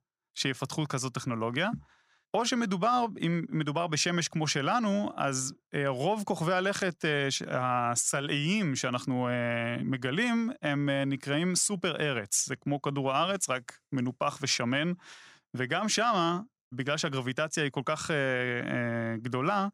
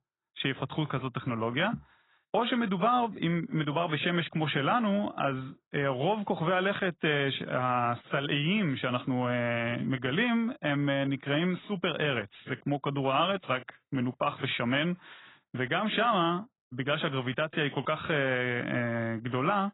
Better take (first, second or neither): first